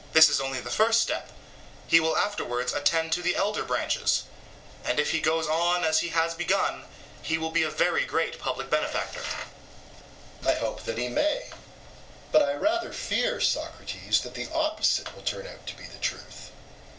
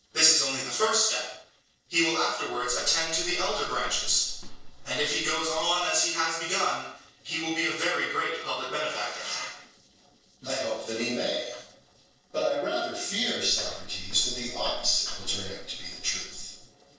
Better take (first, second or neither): first